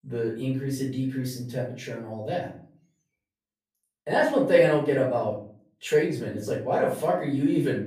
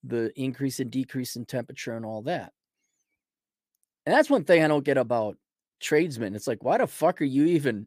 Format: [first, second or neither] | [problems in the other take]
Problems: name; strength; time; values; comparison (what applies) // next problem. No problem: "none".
second | room echo; noticeable; dies away in 0.5 s // off-mic speech; far